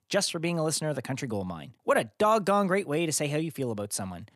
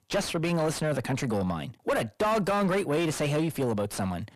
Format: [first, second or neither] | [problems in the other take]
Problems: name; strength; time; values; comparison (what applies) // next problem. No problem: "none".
first | distortion; heavy; 5 dB below the speech